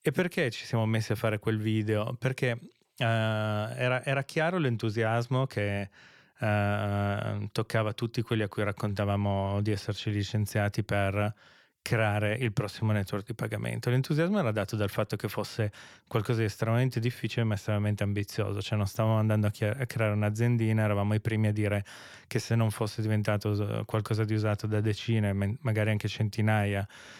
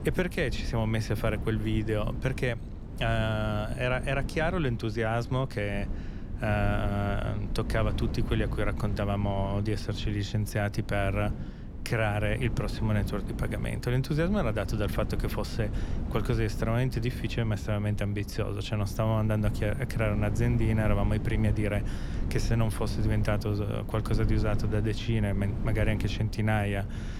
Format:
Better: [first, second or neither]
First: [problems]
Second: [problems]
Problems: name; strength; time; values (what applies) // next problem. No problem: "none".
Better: first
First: none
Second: wind noise on the microphone; occasional gusts; 10 dB below the speech